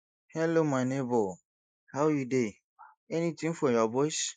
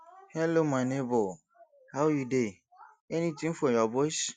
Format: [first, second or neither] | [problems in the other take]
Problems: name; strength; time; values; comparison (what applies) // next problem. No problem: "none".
second | noise reduction (neural mask model Resemble Enhance denoiser)